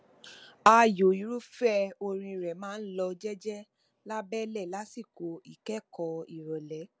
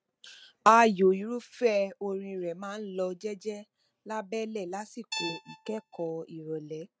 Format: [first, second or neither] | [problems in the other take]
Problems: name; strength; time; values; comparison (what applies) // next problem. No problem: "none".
first | noise reduction (neural mask model RNNoise)